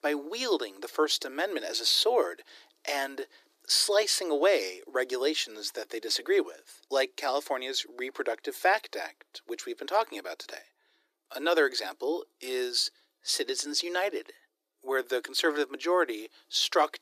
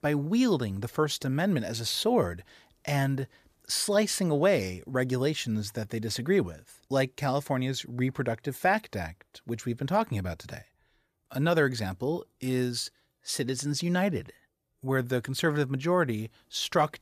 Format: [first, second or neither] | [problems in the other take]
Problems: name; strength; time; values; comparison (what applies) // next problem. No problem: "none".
second | thin; very; fading below 300 Hz